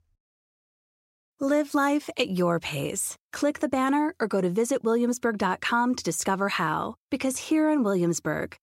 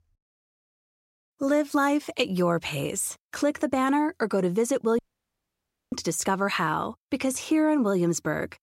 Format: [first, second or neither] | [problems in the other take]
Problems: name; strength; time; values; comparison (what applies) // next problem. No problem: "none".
first | audio cutting out; at 5 s for 1 s